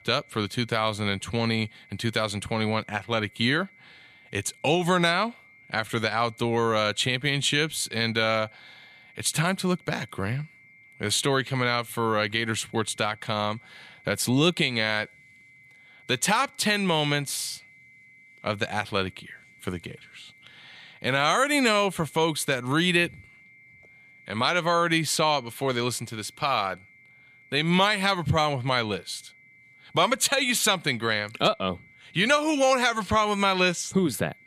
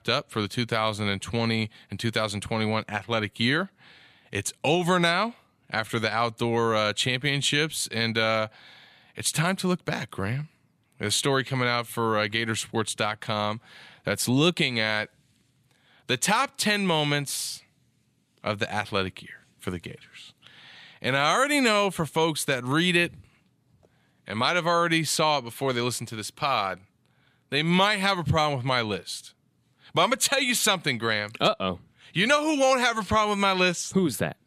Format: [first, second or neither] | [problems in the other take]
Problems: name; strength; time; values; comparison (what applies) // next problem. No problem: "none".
second | high-pitched whine; faint; throughout; 2 kHz, 25 dB below the speech